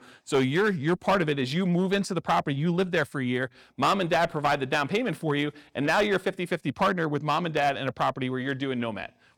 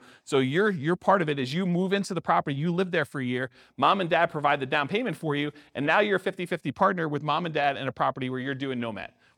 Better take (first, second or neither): second